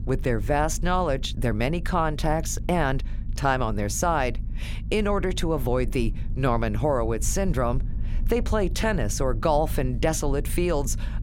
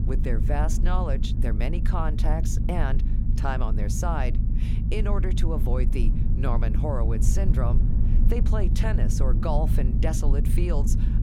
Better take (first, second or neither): first